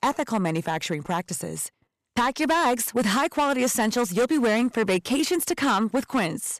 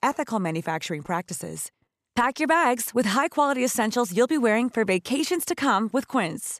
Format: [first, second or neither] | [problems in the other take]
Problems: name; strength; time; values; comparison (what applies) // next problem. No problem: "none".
second | distortion; slight; 10% of the sound clipped